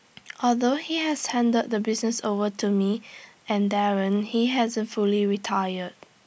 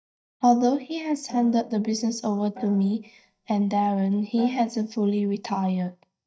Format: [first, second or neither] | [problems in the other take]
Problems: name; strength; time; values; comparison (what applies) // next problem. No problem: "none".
first | noise reduction (neural mask model DeepFilterNet 3)